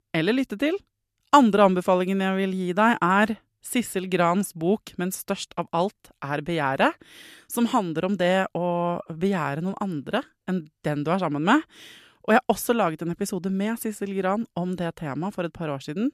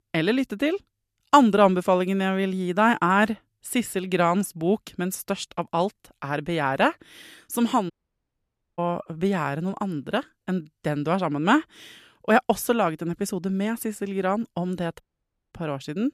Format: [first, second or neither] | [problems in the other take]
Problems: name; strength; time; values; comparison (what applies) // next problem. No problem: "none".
first | audio cutting out; at 8 s for 1 s and at 15 s for 0.5 s